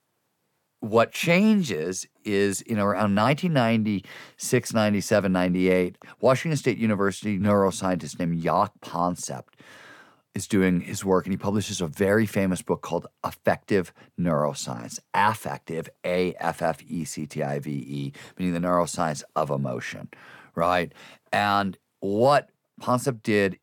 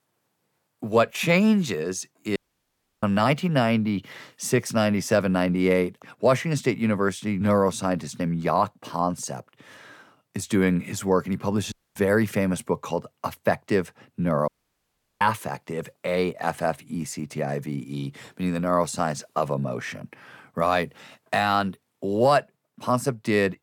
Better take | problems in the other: first | audio cutting out; at 2.5 s for 0.5 s, at 12 s and at 14 s for 0.5 s

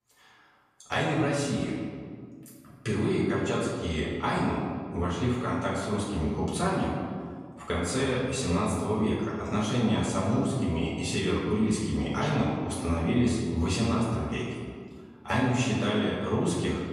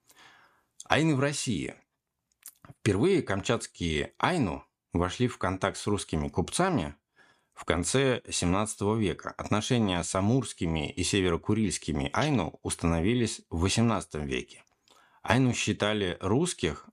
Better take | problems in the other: second | room echo; noticeable; dies away in 1.8 s // off-mic speech; far

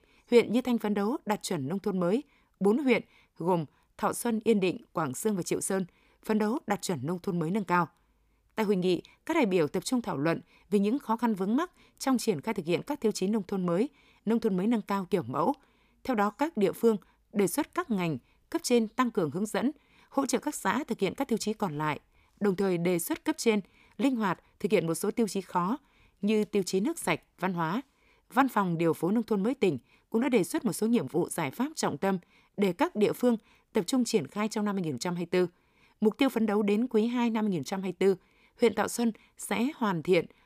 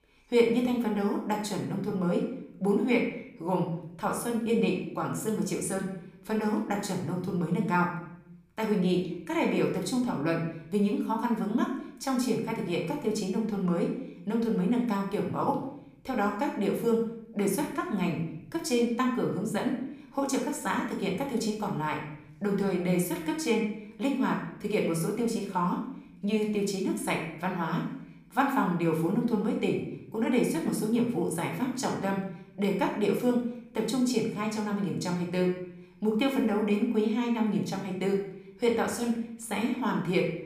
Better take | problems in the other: first | room echo; noticeable; dies away in 0.7 s // off-mic speech; somewhat distant

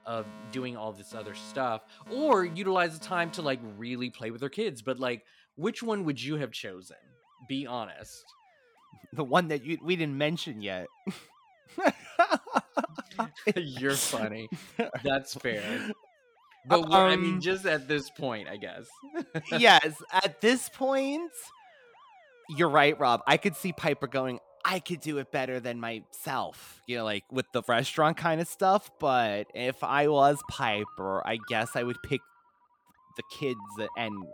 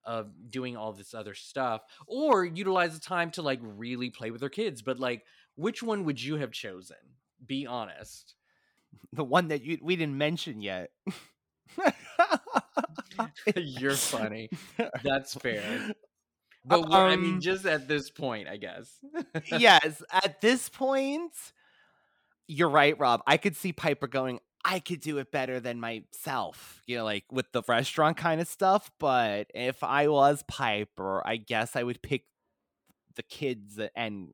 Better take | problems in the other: second | alarms or sirens; faint; throughout; 25 dB below the speech

